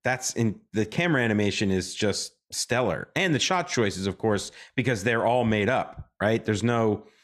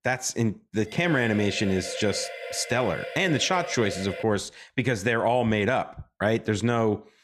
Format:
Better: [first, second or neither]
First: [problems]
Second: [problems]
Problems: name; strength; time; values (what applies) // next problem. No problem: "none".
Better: first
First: none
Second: siren; noticeable; from 1 to 4 s; peak 9 dB below the speech